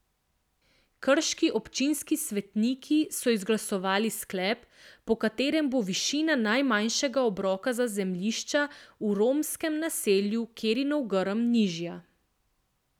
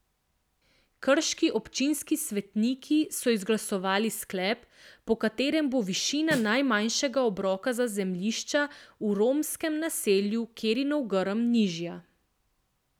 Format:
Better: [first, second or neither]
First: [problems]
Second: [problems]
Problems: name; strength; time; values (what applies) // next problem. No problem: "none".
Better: first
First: none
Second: background sound (Snare drum); 14 dB below the speech